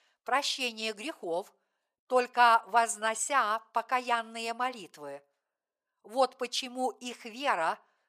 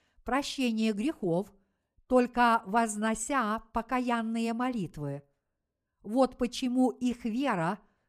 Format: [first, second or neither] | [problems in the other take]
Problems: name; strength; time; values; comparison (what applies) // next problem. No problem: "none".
second | thin; very; fading below 700 Hz